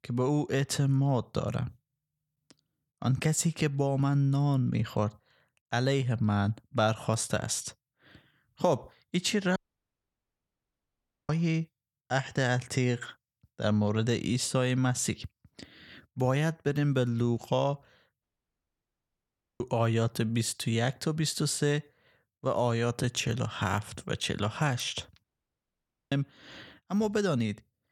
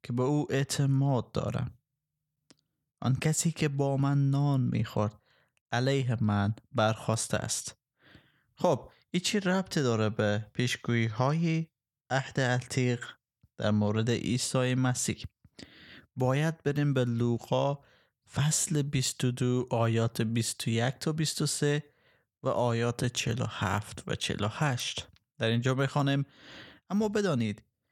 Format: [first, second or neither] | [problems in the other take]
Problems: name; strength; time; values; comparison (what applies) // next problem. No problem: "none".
second | audio cutting out; at 9.5 s for 1.5 s, at 18 s for 1.5 s and at 25 s for 1 s